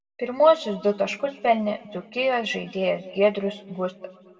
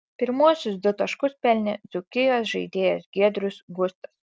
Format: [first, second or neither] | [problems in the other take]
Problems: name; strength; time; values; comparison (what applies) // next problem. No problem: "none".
second | room echo; dies away in 1.5 s